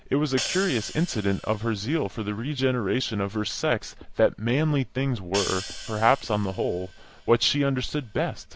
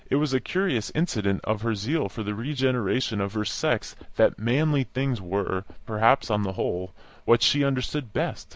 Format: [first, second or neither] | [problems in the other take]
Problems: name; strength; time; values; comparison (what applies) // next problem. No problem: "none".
second | background sound (Hi-hat); 14 dB below the speech